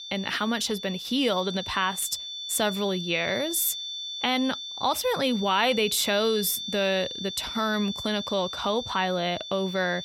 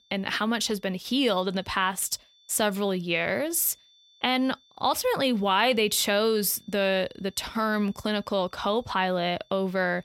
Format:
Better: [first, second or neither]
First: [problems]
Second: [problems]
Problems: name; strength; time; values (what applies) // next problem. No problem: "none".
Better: second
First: high-pitched whine; loud; throughout; 3.5 kHz, 7 dB below the speech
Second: high-pitched whine; faint; throughout; 3.5 kHz, 30 dB below the speech